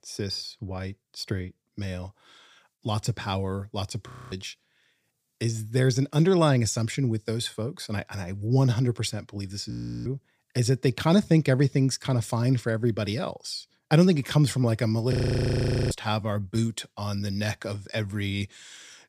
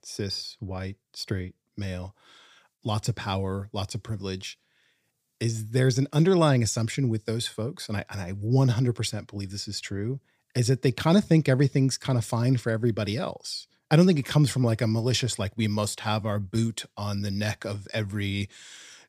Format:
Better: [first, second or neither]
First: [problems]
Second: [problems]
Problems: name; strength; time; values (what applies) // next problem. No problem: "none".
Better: second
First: audio freezing; at 4 s, at 9.5 s and at 15 s for 1 s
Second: none